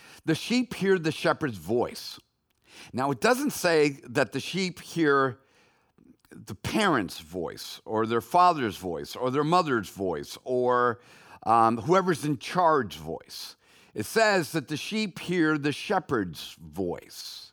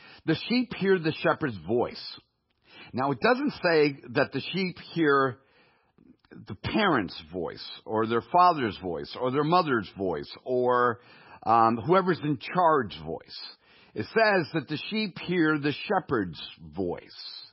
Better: first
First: none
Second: garbled, watery; badly; nothing above 5.5 kHz

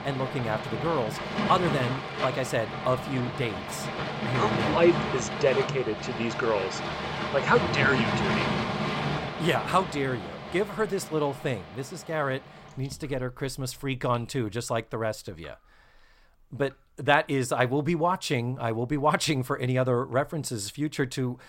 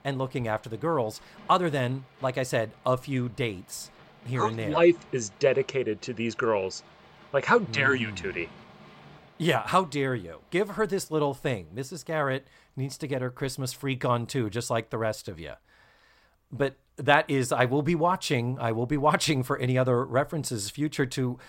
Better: second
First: rain or running water; loud; throughout; 3 dB below the speech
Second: rain or running water; faint; throughout; 25 dB below the speech

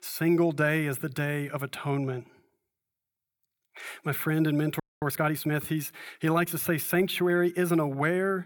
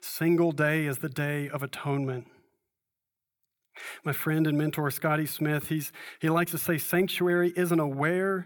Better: second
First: audio freezing; at 5 s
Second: none

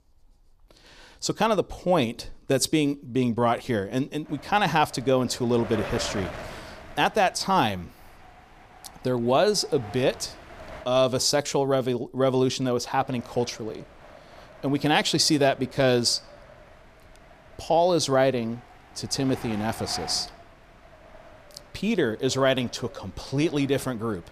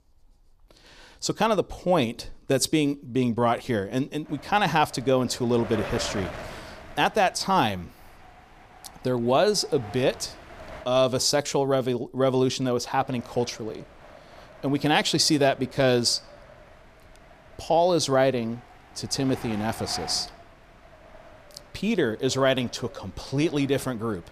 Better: neither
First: wind noise on the microphone; occasional gusts; from 4.5 to 11 s and from 13 s on; 20 dB below the speech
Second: wind noise on the microphone; occasional gusts; from 4.5 to 11 s and from 13 s on; 20 dB below the speech

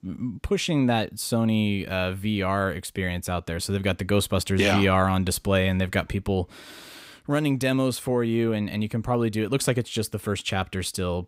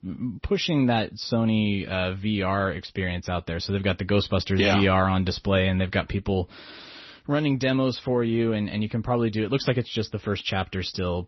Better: first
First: none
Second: garbled, watery; slightly; nothing above 6 kHz

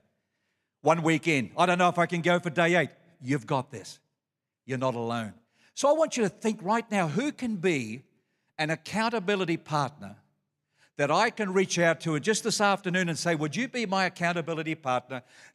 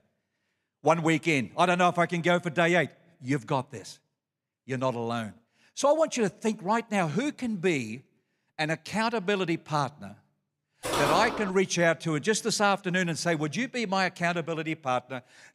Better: first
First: none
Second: footsteps; noticeable; at 11 s; peak level with the speech

